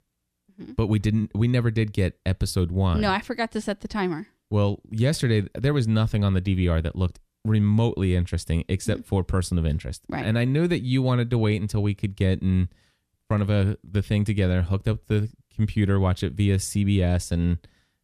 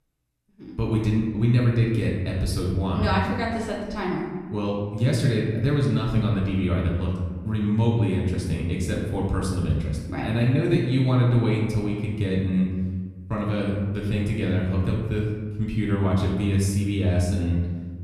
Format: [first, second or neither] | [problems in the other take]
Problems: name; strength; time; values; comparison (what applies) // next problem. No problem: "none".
first | room echo; noticeable; dies away in 1.3 s // off-mic speech; far